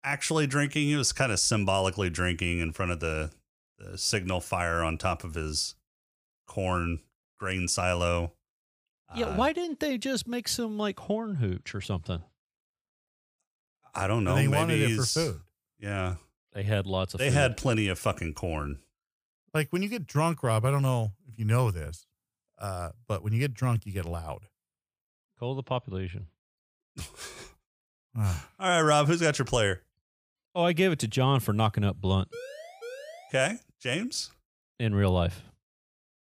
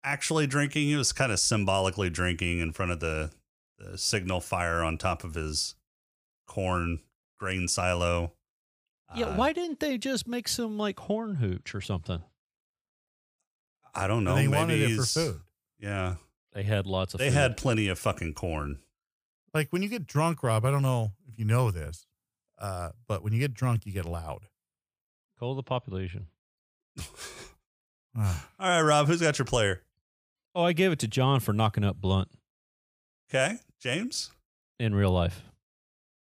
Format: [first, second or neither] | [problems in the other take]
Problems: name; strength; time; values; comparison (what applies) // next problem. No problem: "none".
second | siren; faint; at 32 s; peak 15 dB below the speech